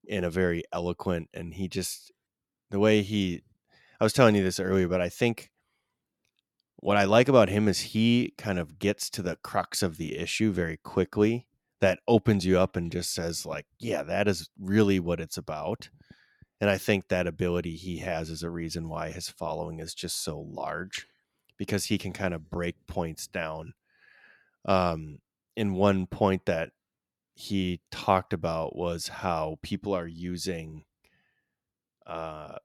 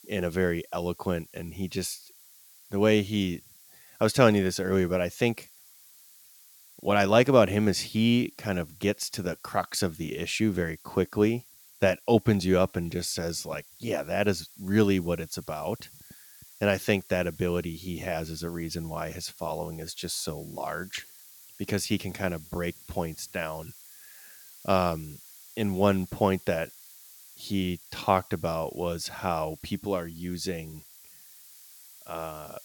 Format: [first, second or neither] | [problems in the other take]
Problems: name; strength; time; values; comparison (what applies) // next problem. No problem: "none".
first | hiss; faint; throughout; 20 dB below the speech